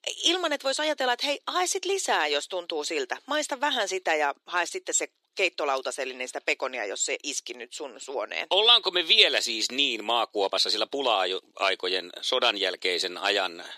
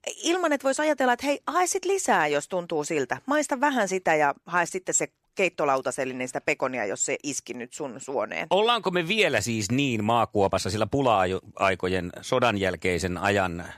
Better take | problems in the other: second | thin; somewhat; fading below 350 Hz

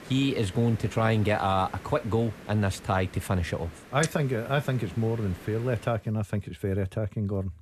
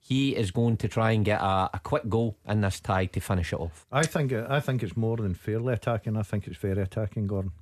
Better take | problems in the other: second | hiss; noticeable; until 6 s; 20 dB below the speech

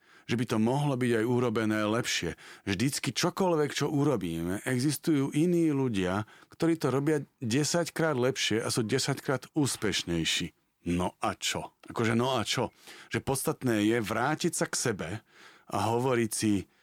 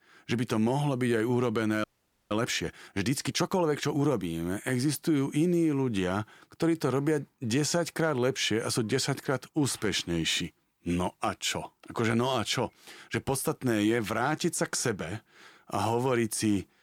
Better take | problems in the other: first | audio freezing; at 2 s

